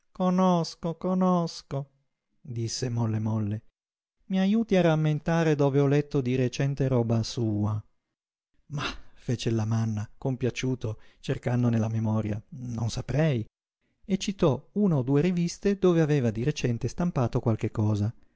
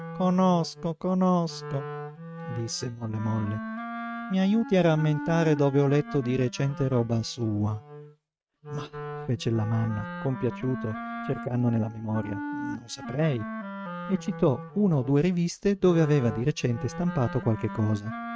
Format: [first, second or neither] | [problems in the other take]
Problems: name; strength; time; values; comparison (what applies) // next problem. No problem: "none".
first | noise reduction (neural mask model RNNoise)